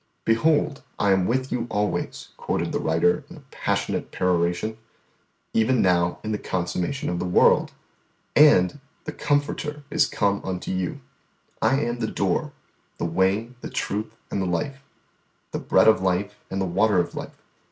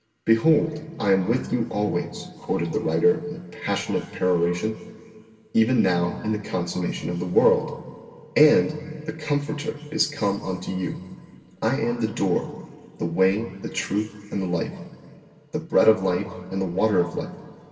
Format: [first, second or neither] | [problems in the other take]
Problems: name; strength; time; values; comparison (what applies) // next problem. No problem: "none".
first | room echo; dies away in 2.2 s